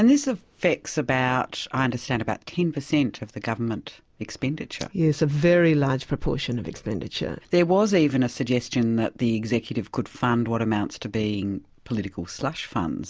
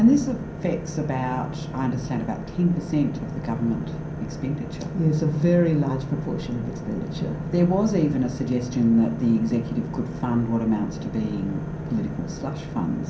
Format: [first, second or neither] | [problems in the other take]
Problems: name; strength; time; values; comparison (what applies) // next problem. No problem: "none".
first | background sound (Engine / Boat, Water vehicle); 8 dB below the speech // room echo; dies away in 0.6 s